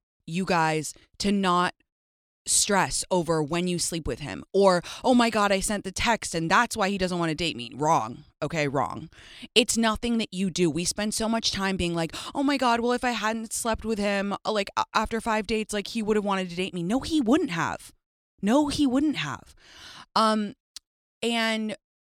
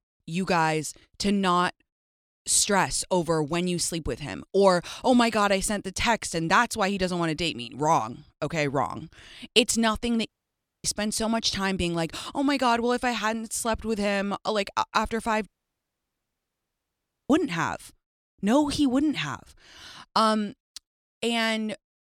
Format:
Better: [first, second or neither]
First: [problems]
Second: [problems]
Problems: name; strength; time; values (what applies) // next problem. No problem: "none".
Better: first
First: none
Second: audio cutting out; at 10 s for 0.5 s and at 15 s for 2 s